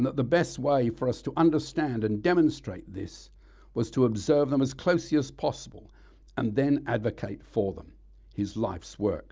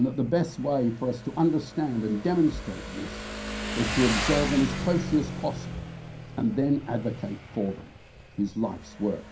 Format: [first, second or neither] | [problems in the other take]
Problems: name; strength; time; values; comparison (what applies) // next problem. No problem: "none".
first | background sound (Motorcycle); 8 dB below the speech // room echo; dies away in 0.3 s